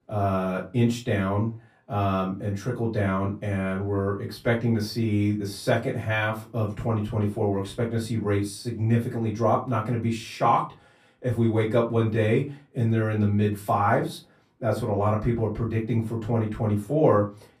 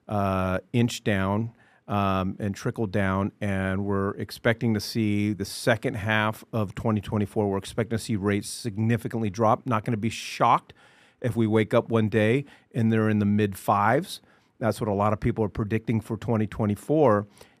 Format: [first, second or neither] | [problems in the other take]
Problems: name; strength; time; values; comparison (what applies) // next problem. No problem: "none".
second | off-mic speech; far // room echo; slight; dies away in 0.2 s